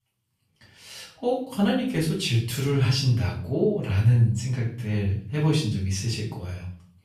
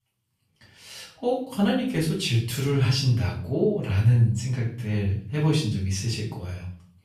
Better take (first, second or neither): neither